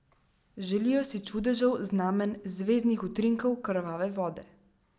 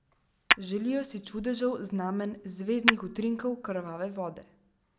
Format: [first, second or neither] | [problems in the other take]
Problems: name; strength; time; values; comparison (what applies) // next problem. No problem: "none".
first | background sound (Tap / Hammer); 1 dB below the speech